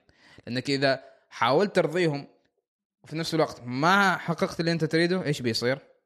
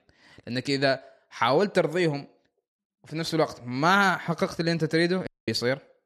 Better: first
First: none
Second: audio cutting out; at 5.5 s

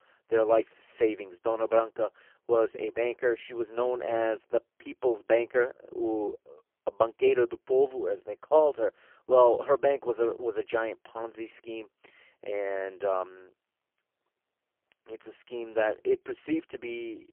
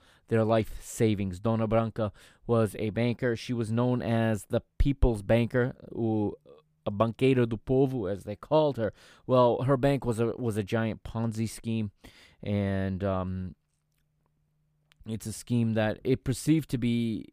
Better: second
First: phone-call audio; poor line; nothing above 3 kHz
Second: none

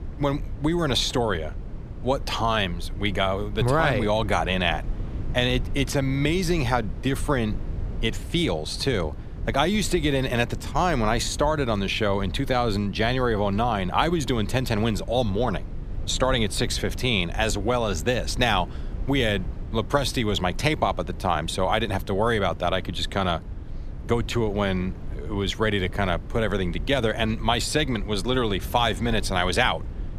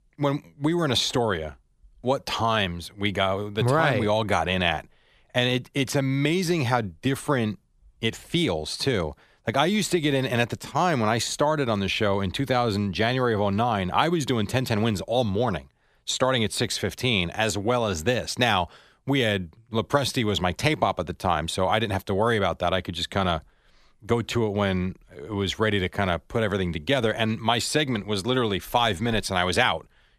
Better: second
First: low rumble; faint; throughout; 20 dB below the speech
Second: none

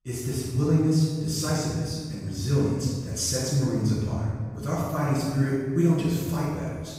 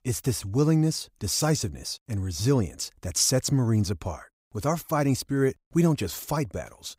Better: second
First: off-mic speech; far // room echo; strong; dies away in 1.5 s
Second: none

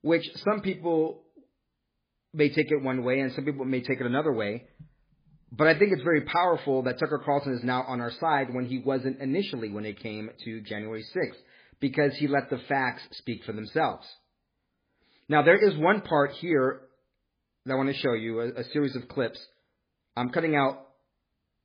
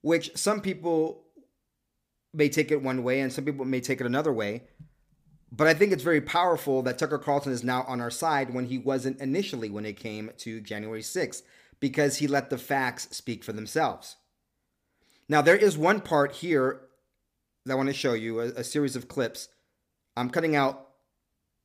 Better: second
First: garbled, watery; badly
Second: none

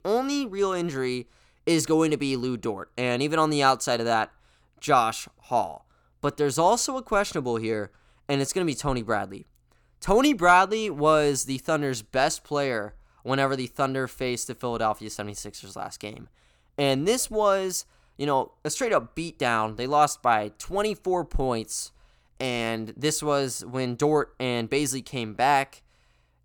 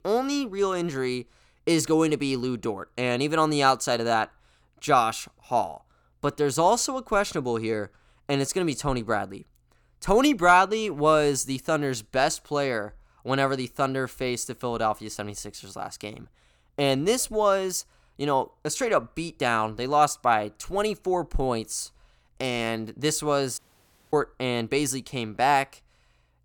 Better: first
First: none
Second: audio cutting out; at 24 s for 0.5 s

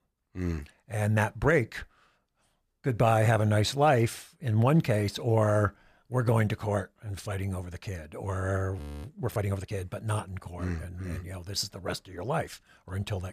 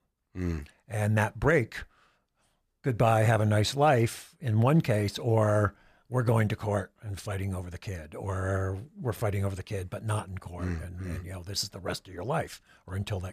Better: second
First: audio freezing; at 9 s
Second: none

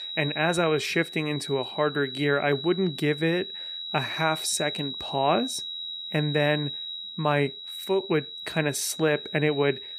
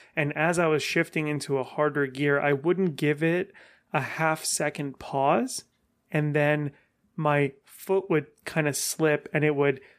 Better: second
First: high-pitched whine; loud; throughout; 4 kHz, 8 dB below the speech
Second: none

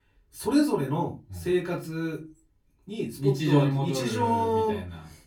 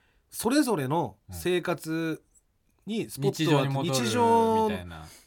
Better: second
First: off-mic speech; far // room echo; very slight; dies away in 0.3 s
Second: none

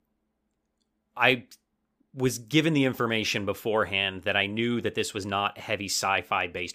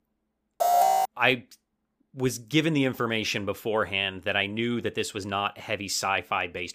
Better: first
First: none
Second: alarm; loud; at 0.5 s; peak 6 dB above the speech

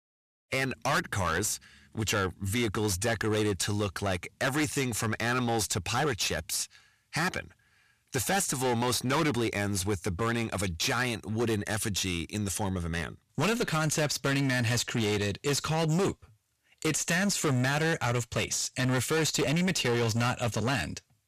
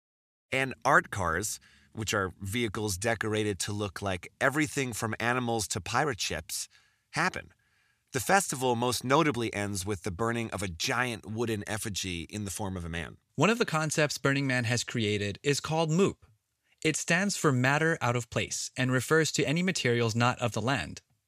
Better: second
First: distortion; heavy; 17% of the sound clipped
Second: none

